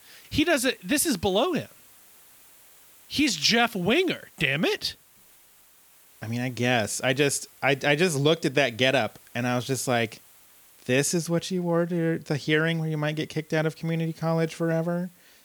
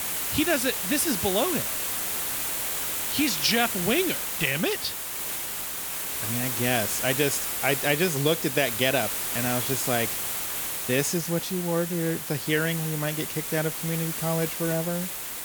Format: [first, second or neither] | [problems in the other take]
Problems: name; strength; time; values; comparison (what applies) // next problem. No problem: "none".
first | hiss; loud; throughout; 1 dB below the speech; faint in the first